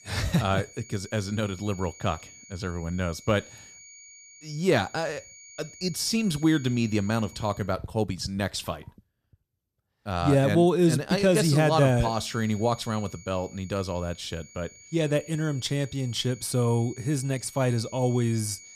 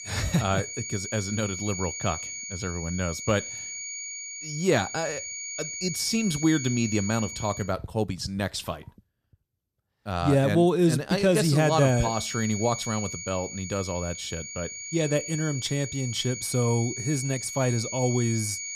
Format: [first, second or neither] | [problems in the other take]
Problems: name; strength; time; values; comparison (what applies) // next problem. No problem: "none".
first | high-pitched whine; loud; until 7.5 s and from 12 s on; 6.5 kHz, 7 dB below the speech; faint in the first